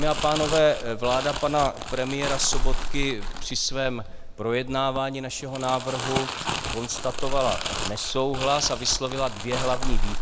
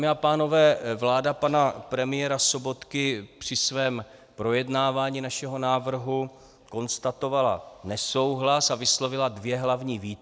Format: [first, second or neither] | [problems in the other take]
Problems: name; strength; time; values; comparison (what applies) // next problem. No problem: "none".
second | background sound (Crumpling, crinkling); 1 dB below the speech